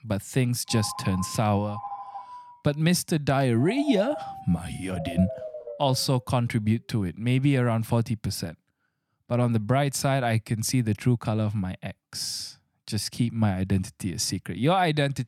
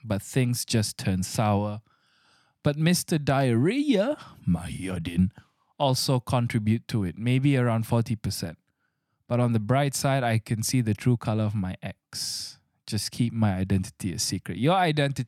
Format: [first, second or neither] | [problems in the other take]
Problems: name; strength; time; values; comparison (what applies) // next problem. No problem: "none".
second | phone ringing; noticeable; from 0.5 to 6 s; peak 8 dB below the speech